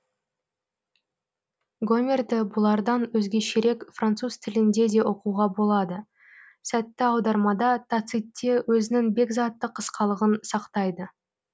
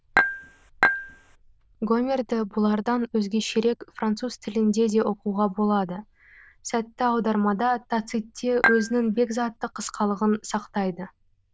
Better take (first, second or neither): first